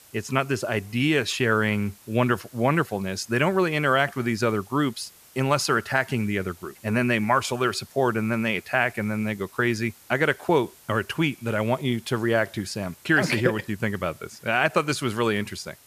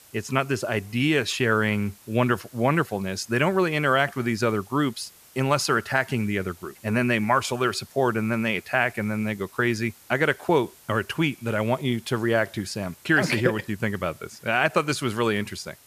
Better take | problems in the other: neither | hiss; faint; throughout; 25 dB below the speech; the same in both

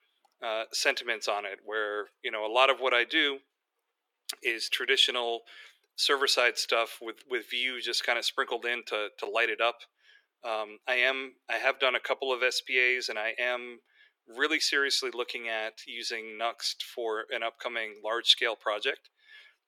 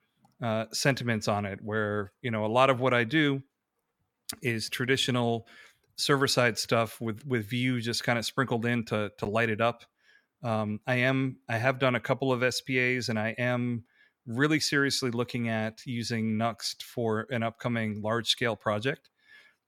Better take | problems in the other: second | thin; very; fading below 350 Hz

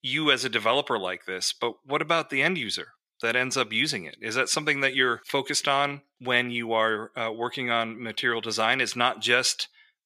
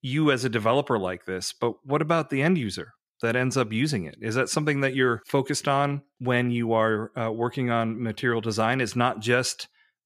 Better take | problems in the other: second | thin; somewhat; fading below 1 kHz

